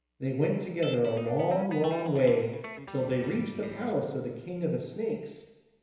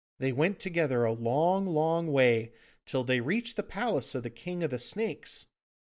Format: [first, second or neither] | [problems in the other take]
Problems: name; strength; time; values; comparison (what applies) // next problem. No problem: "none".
second | background sound (Guitar); 17 dB below the speech // room echo; dies away in 1 s